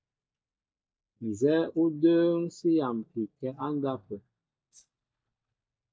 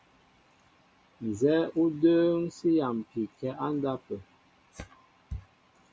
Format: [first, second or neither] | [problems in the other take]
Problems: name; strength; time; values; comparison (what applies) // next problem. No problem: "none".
second | noise reduction (neural mask model DeepFilterNet 3)